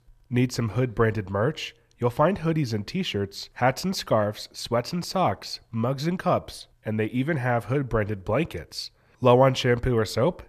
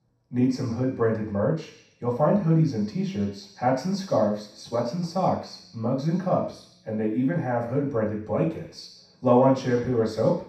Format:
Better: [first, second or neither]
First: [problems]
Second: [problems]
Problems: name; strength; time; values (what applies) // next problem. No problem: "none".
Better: first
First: none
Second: room echo; noticeable; dies away in 0.7 s // off-mic speech; far